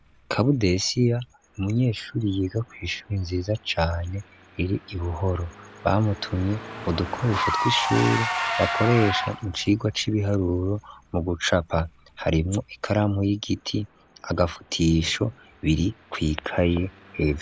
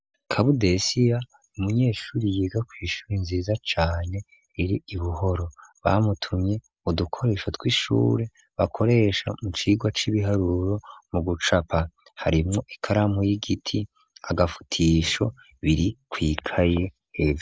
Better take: second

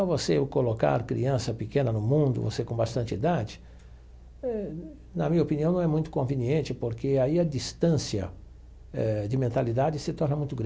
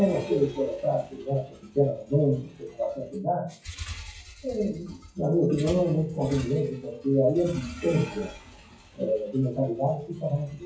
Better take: first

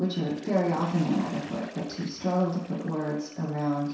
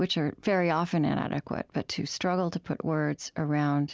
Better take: second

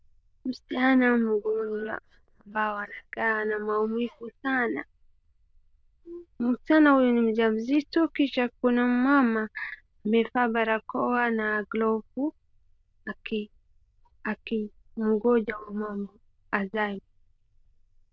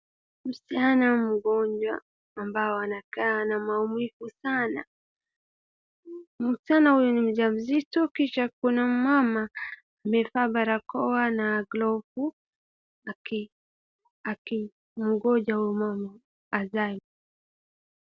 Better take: second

